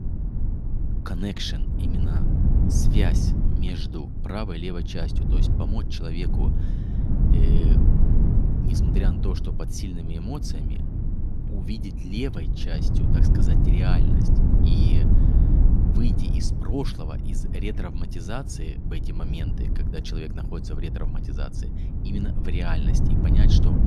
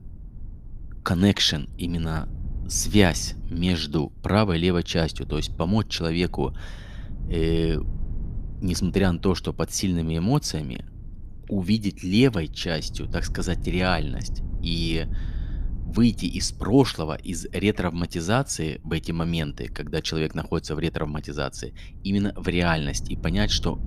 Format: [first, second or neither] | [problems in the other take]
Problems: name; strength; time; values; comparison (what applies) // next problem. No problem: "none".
second | low rumble; loud; throughout; as loud as the speech; faint in the second